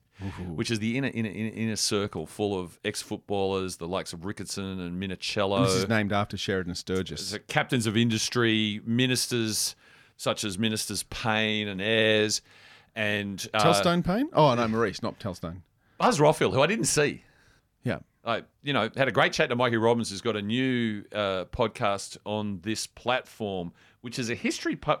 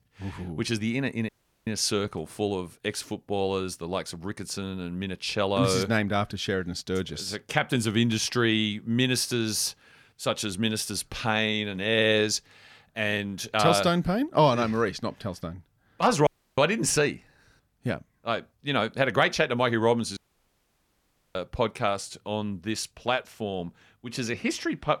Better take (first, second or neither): first